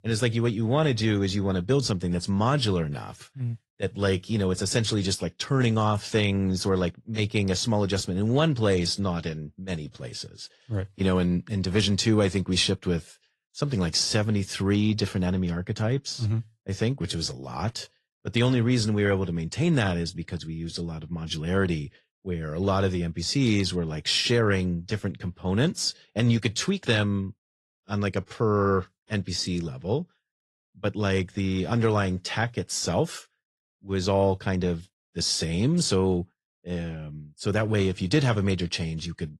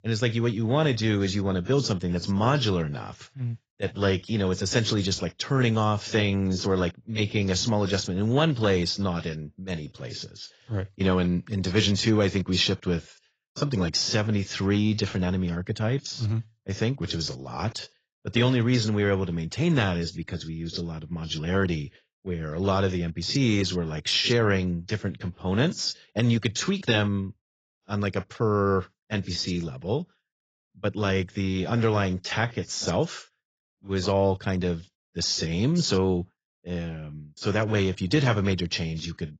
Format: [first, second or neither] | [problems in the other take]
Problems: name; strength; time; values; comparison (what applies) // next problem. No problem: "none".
first | garbled, watery; badly; nothing above 7.5 kHz; slightly in the first